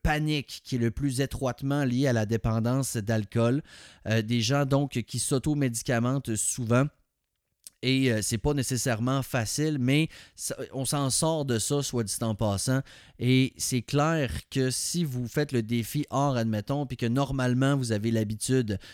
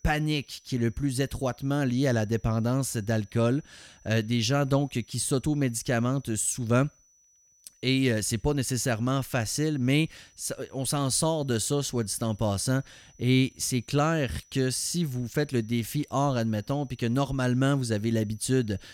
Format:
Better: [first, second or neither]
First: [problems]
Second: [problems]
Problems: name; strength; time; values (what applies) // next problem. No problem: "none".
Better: first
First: none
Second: high-pitched whine; faint; throughout; 6 kHz, 30 dB below the speech